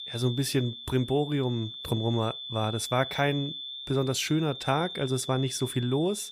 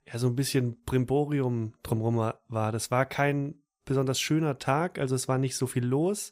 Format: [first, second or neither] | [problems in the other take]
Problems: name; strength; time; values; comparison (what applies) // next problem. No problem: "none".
second | high-pitched whine; loud; throughout; 3.5 kHz, 9 dB below the speech